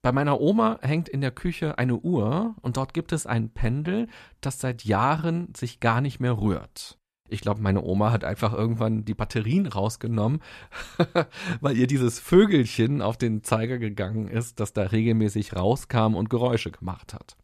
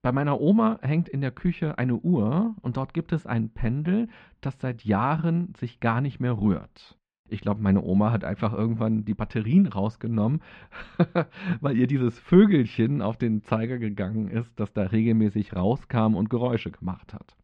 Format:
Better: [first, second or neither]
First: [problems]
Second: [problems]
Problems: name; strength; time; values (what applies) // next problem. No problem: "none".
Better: first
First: none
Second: muffled; slightly; fading above 3 kHz